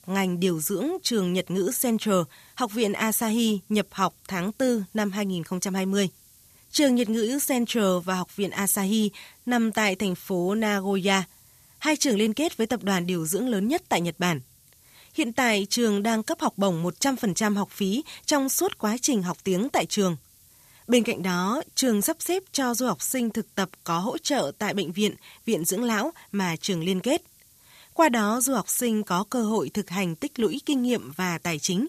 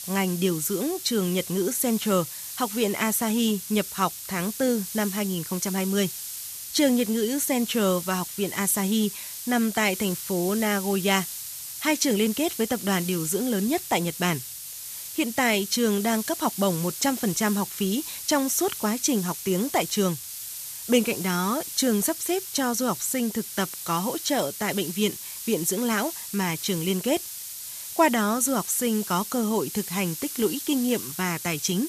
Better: first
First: hiss; faint; throughout; 30 dB below the speech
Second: hiss; loud; throughout; 8 dB below the speech

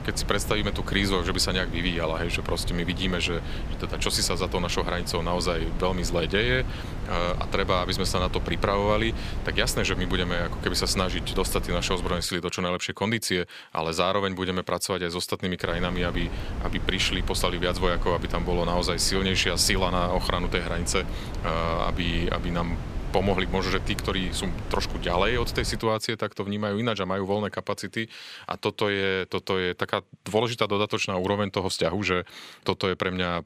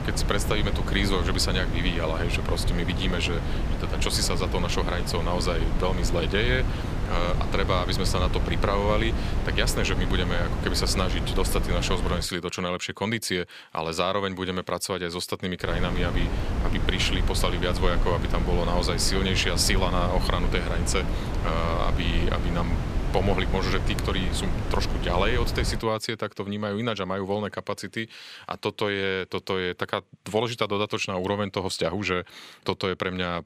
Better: first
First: wind noise on the microphone; occasional gusts; until 12 s and from 16 to 26 s; 15 dB below the speech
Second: wind noise on the microphone; heavy; until 12 s and from 16 to 26 s; 8 dB below the speech

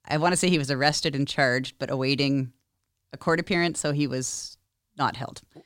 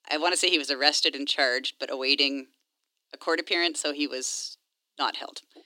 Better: first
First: none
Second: thin; somewhat; fading below 300 Hz

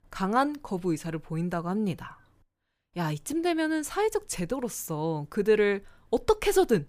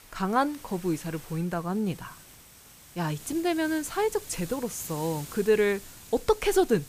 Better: first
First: none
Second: hiss; noticeable; throughout; 15 dB below the speech

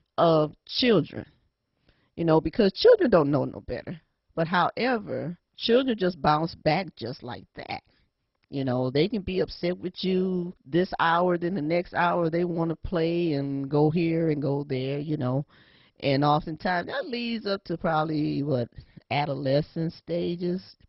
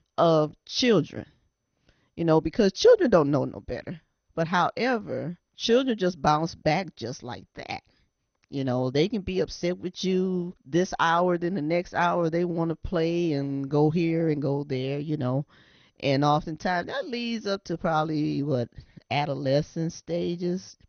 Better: second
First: garbled, watery; badly; nothing above 5.5 kHz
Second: garbled, watery; slightly; nothing above 6.5 kHz

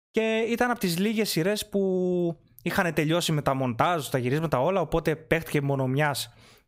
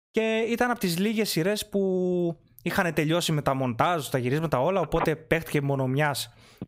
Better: first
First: none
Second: phone ringing; noticeable; from 5 s on; peak 7 dB below the speech

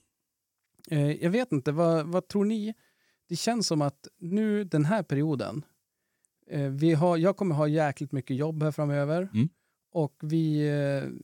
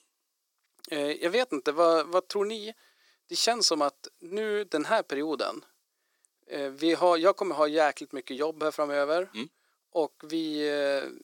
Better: first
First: none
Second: thin; very; fading below 350 Hz

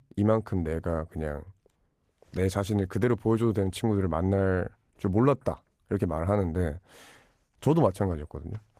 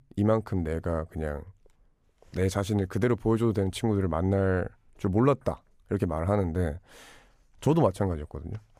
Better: second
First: garbled, watery; slightly; nothing above 15 kHz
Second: none

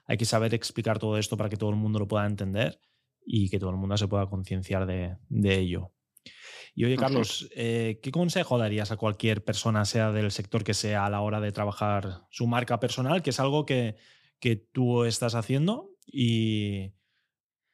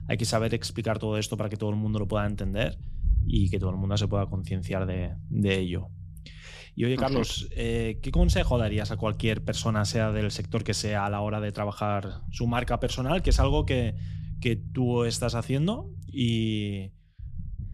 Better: first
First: none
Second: low rumble; noticeable; throughout; 20 dB below the speech

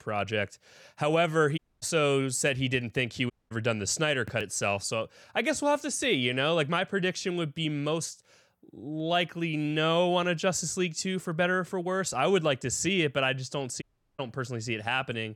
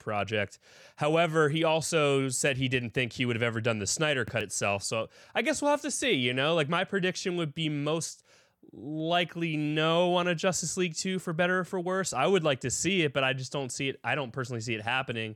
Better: second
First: audio cutting out; at 1.5 s, at 3.5 s and at 14 s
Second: none

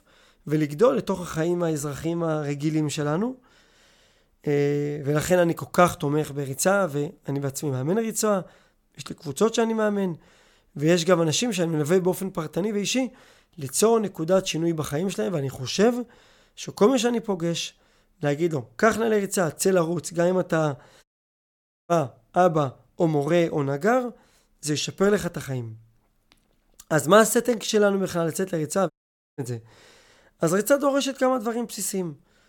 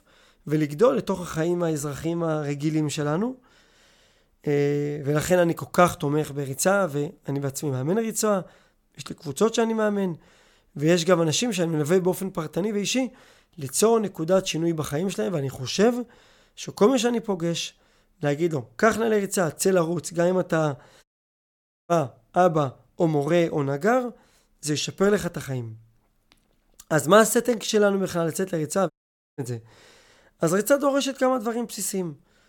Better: neither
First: audio cutting out; at 21 s for 1 s and at 29 s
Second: audio cutting out; at 21 s for 1 s and at 29 s

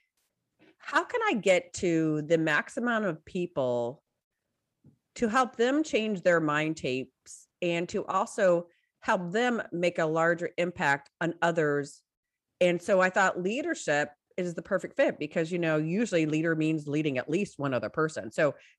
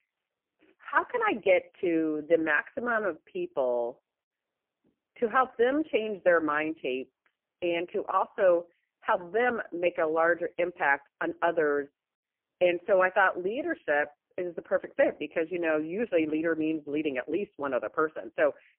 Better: first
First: none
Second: phone-call audio; poor line; nothing above 3 kHz

